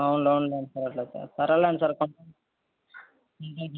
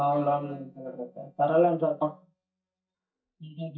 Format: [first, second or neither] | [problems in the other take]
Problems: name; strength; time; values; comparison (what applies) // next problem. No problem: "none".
first | noise reduction (neural mask model DeepFilterNet 3)